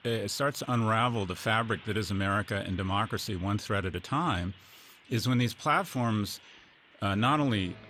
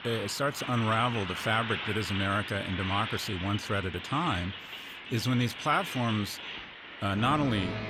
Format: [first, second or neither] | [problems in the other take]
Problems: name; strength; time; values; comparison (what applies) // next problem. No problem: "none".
first | traffic noise; loud; throughout; 7 dB below the speech; faint in the first